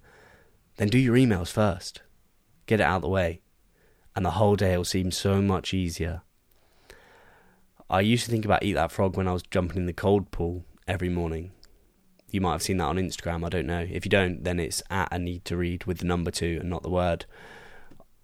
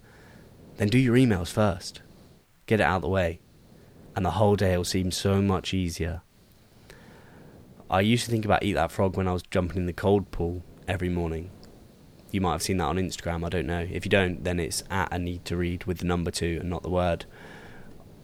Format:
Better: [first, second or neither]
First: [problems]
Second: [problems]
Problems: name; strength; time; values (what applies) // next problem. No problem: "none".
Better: first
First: none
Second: hiss; faint; throughout; 25 dB below the speech